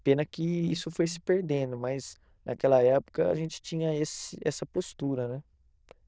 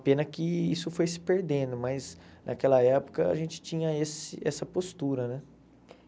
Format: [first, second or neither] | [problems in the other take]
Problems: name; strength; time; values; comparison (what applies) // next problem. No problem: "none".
second | noise reduction (neural diffusion model UNIVERSE++)